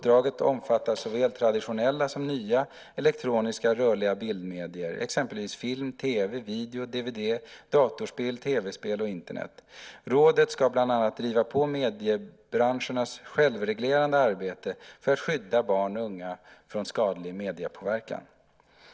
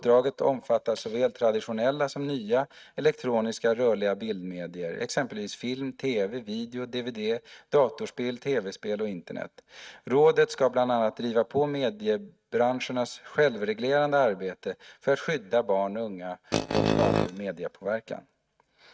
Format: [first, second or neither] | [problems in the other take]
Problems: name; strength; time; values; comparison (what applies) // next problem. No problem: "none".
first | noise reduction (neural mask model RNNoise)